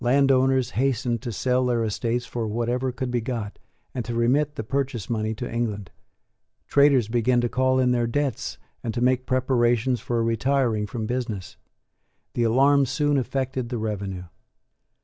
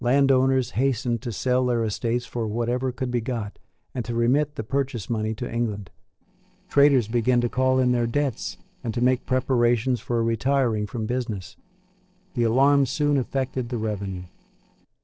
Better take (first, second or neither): first